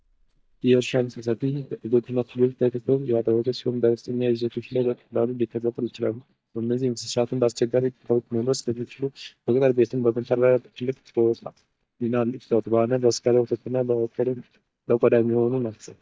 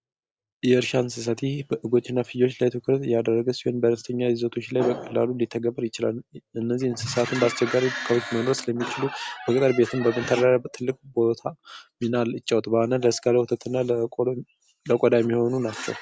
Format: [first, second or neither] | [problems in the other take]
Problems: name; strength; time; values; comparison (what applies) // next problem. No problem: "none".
second | noise reduction (neural mask model DeepFilterNet 3)